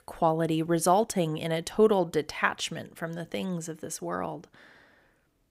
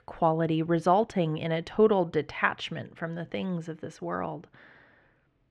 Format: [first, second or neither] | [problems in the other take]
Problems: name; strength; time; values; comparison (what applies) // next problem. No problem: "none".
first | muffled; slightly; fading above 2.5 kHz